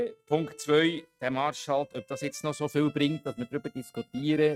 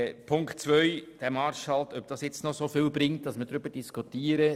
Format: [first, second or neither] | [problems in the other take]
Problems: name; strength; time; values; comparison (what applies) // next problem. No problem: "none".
second | noise reduction (neural mask model RNNoise)